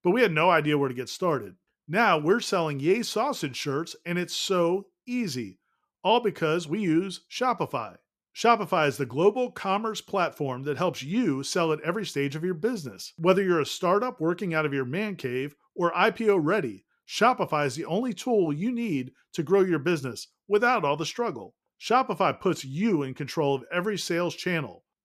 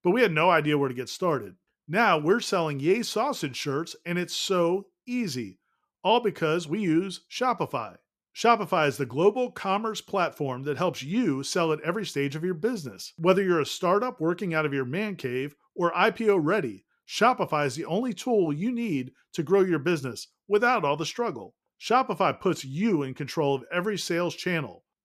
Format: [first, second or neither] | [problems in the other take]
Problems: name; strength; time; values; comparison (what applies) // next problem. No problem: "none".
neither | none